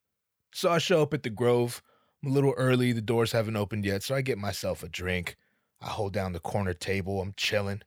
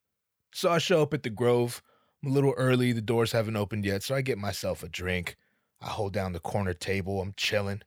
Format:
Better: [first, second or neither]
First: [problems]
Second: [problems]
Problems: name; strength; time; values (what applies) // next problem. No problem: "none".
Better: neither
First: none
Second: none